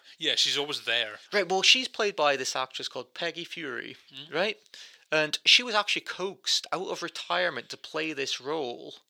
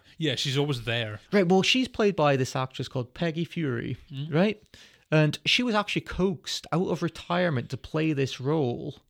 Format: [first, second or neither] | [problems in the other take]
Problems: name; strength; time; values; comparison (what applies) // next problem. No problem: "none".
second | thin; very; fading below 500 Hz